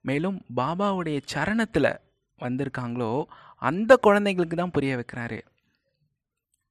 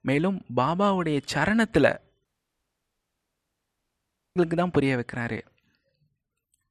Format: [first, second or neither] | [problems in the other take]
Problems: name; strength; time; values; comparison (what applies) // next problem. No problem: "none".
first | audio cutting out; at 2.5 s for 2 s